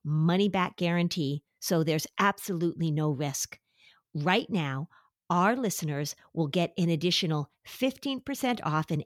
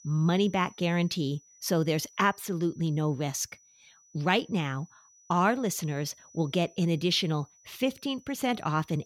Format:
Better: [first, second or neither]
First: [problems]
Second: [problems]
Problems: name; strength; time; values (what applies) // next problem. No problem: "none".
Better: first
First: none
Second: high-pitched whine; faint; throughout; 6 kHz, 25 dB below the speech